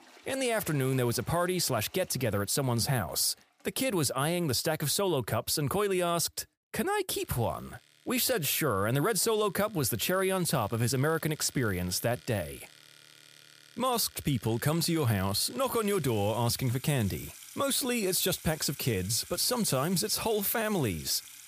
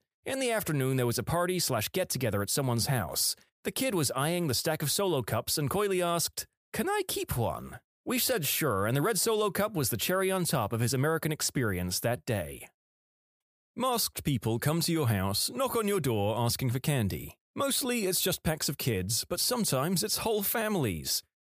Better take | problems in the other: second | household noises; faint; throughout; 20 dB below the speech

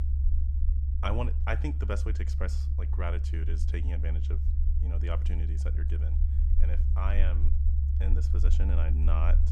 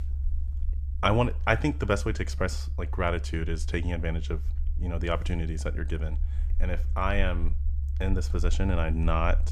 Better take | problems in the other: second | low rumble; loud; throughout; 7 dB below the speech; faint in the second

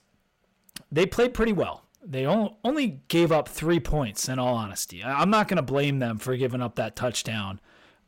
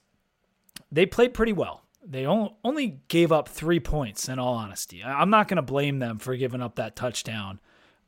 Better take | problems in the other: second | distortion; slight; 10 dB below the speech

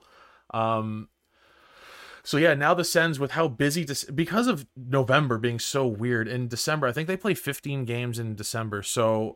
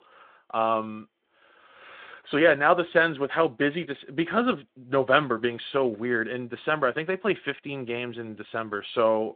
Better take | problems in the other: first | phone-call audio

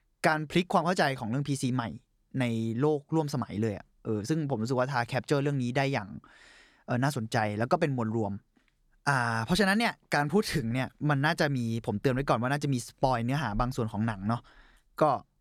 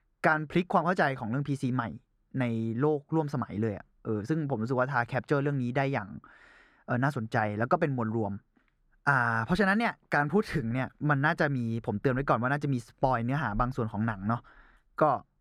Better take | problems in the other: first | muffled; slightly; fading above 3 kHz

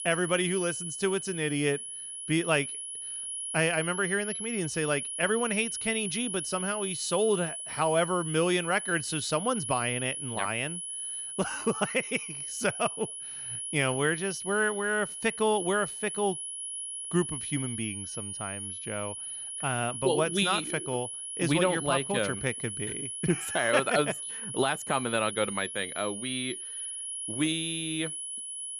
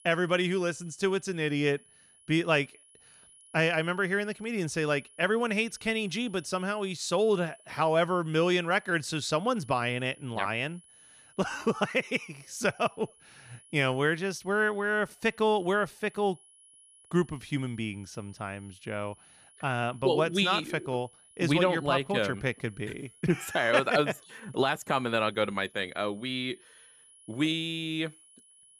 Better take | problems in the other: second | high-pitched whine; loud; throughout; 10.5 kHz, 5 dB below the speech; faint in the second

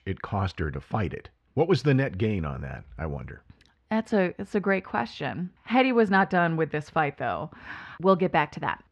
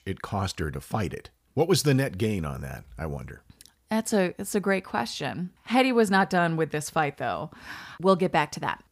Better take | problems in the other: second | muffled; slightly; fading above 2.5 kHz

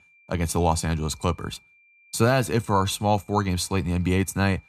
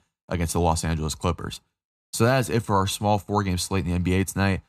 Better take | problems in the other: second | high-pitched whine; faint; throughout; 2.5 kHz, 30 dB below the speech

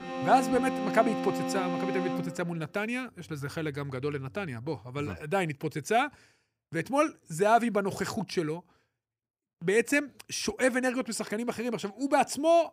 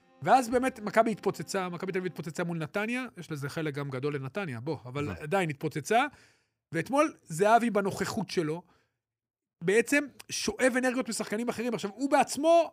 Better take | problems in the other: second | background music; loud; until 4.5 s; 3 dB below the speech; faint in the second

